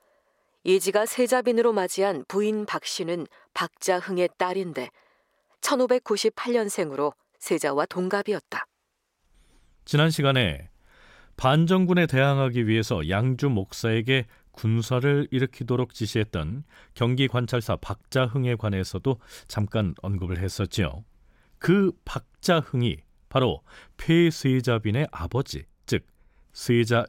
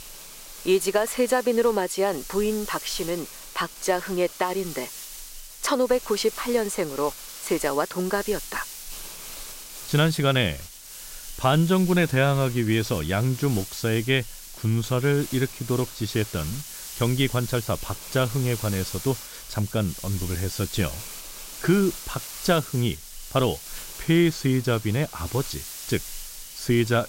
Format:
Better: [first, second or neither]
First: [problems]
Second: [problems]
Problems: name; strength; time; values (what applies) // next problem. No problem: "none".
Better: first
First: none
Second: hiss; noticeable; throughout; 10 dB below the speech